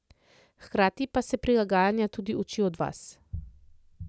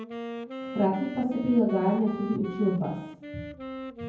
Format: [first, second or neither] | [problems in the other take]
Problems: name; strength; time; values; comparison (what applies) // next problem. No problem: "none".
first | background sound (Wind instrument, woodwind instrument); 10 dB below the speech // room echo; dies away in 0.9 s